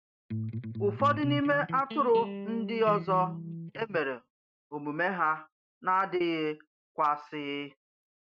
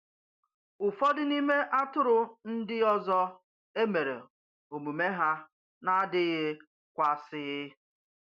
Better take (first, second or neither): second